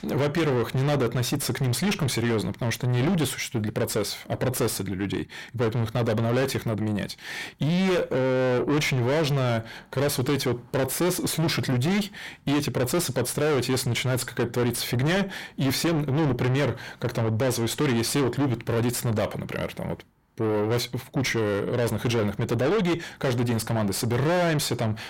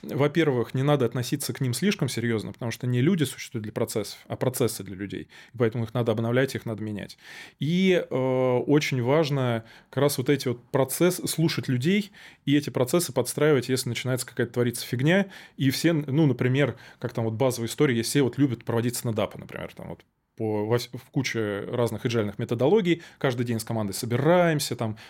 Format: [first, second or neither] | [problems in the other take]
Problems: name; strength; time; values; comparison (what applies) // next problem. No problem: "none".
second | distortion; heavy; 6 dB below the speech